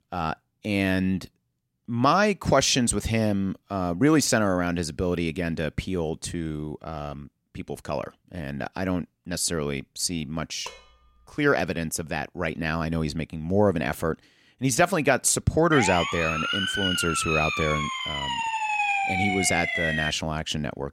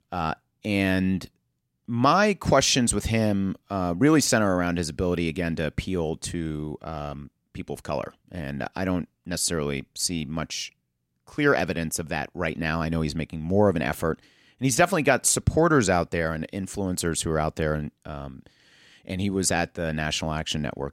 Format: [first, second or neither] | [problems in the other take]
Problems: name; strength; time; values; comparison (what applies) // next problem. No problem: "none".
second | clattering dishes; faint; at 11 s; peak 15 dB below the speech // siren; loud; from 16 to 20 s; peak 2 dB above the speech